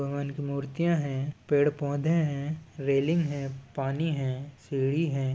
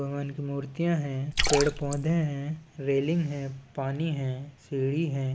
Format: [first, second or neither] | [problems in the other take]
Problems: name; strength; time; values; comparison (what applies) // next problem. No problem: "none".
first | noise reduction (neural mask model Resemble Enhance denoiser)